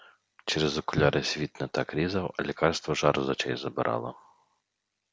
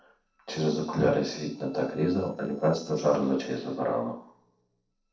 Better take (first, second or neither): first